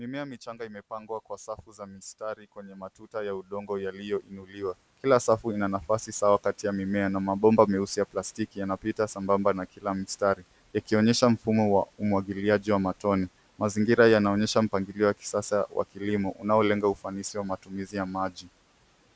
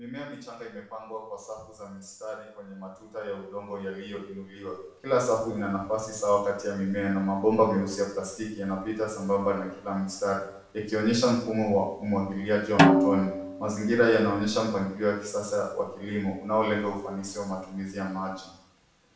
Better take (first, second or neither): first